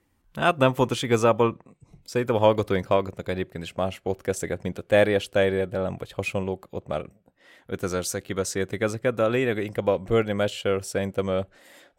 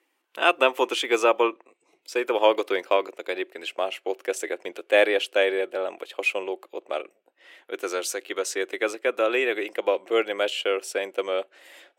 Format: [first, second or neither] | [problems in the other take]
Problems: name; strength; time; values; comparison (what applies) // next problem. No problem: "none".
first | thin; very; fading below 350 Hz